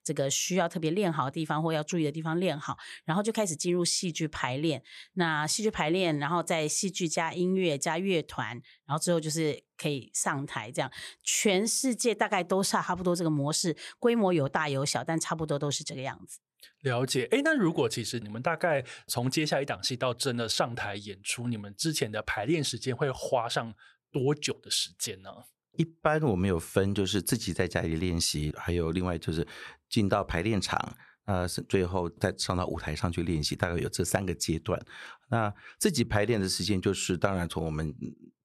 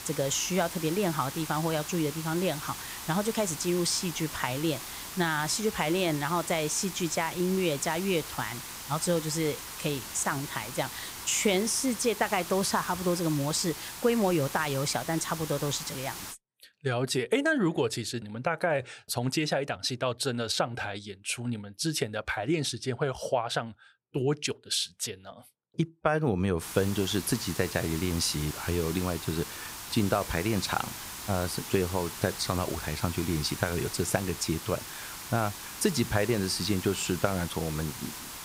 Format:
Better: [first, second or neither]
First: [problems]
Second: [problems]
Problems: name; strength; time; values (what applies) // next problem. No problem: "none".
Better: first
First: none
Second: hiss; loud; until 16 s and from 27 s on; 8 dB below the speech